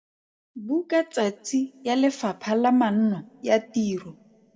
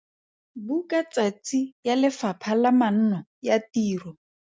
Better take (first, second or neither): second